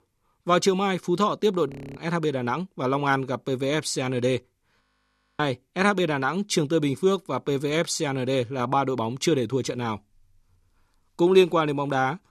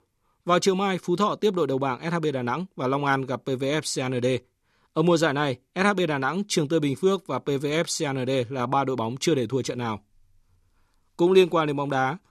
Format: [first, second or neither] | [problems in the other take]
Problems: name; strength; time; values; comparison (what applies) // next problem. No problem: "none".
second | audio freezing; at 1.5 s and at 5 s for 0.5 s